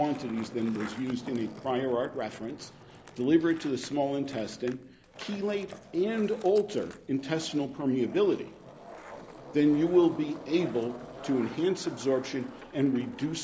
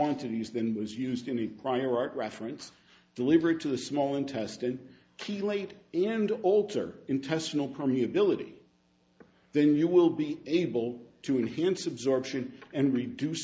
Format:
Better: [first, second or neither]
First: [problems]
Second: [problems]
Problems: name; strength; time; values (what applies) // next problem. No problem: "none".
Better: second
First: background sound (Skateboard); 17 dB below the speech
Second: none